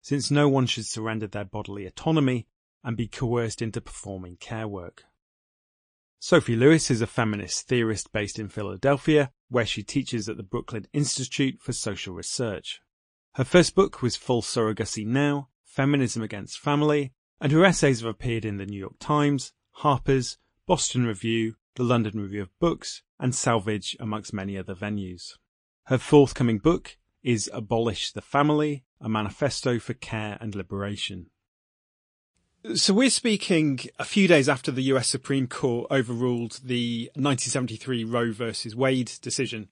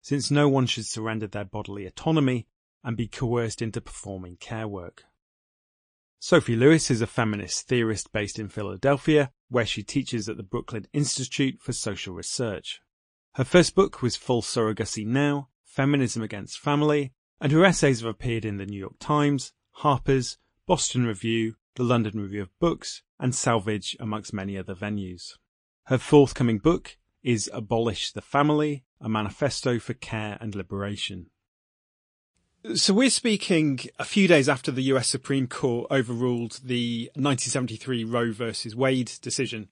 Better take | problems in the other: neither | garbled, watery; slightly; nothing above 9 kHz; the same in both

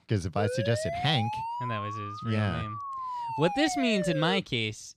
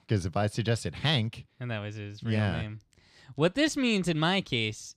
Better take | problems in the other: second | siren; noticeable; until 4.5 s; peak 4 dB below the speech

